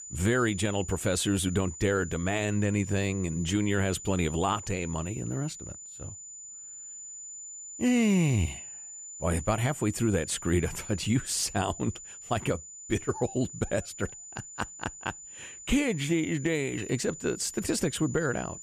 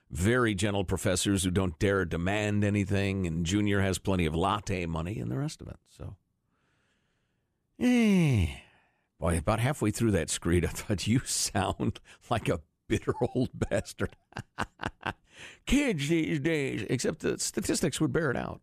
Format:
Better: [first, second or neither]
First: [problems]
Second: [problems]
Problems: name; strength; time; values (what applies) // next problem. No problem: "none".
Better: second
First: high-pitched whine; noticeable; throughout; 7 kHz, 10 dB below the speech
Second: none